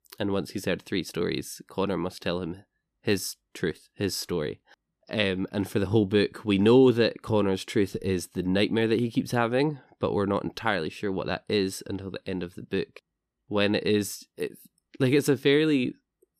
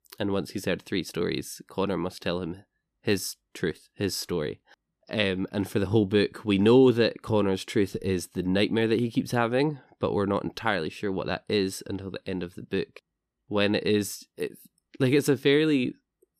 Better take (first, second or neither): neither